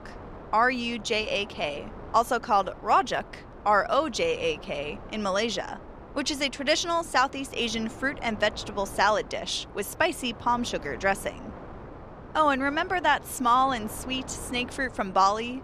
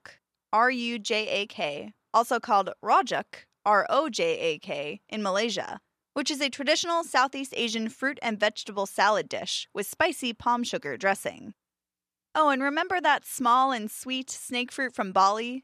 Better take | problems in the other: second | wind noise on the microphone; occasional gusts; 20 dB below the speech

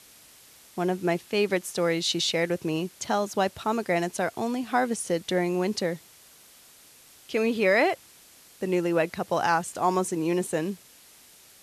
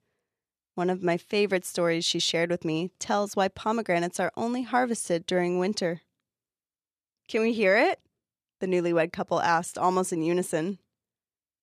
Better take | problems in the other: second | hiss; faint; throughout; 25 dB below the speech

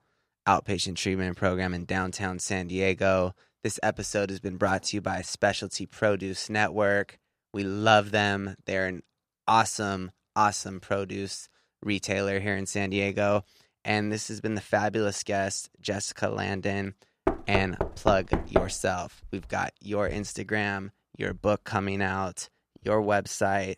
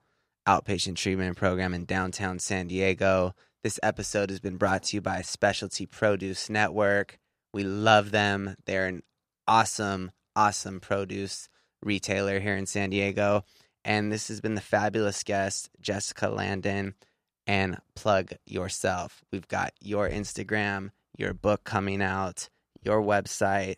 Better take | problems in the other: second | door banging; loud; from 17 to 19 s; peak 1 dB above the speech

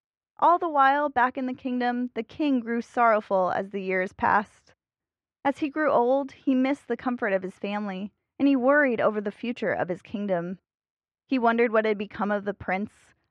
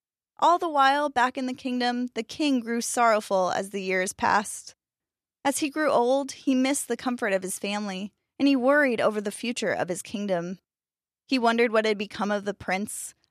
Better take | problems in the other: second | muffled; very; fading above 2 kHz

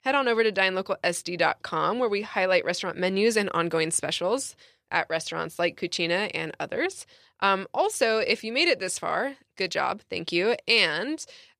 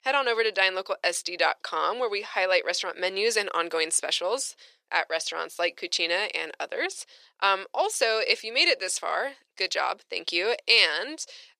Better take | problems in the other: first | thin; very; fading below 400 Hz

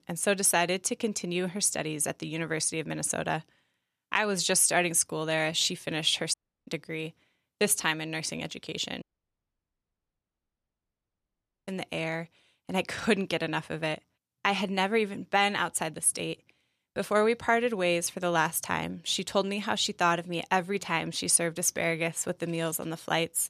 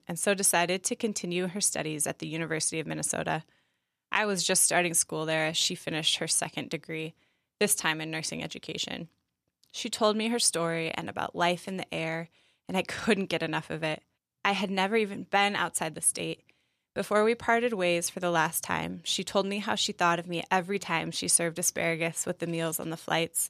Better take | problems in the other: second | audio cutting out; at 6.5 s and at 9 s for 2.5 s

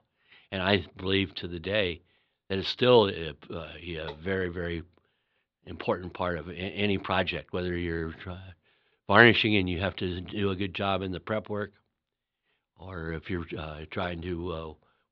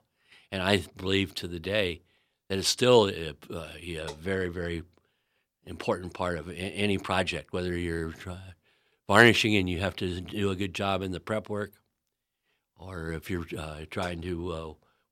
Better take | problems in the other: second | muffled; slightly; fading above 4 kHz

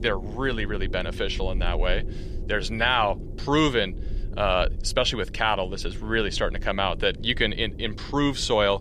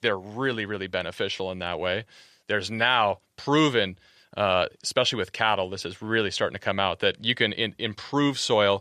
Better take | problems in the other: second | low rumble; faint; throughout; 20 dB below the speech

